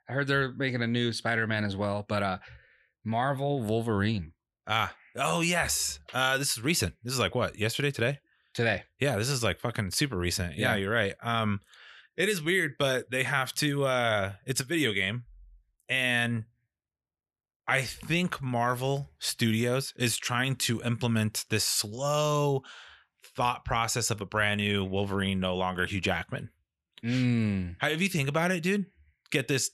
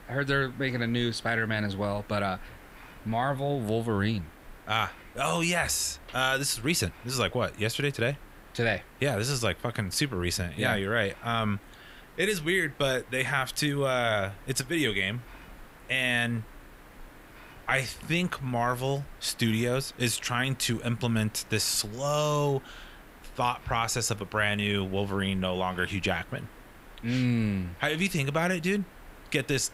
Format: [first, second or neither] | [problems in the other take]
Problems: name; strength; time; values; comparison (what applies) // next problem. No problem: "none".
first | hiss; faint; throughout; 20 dB below the speech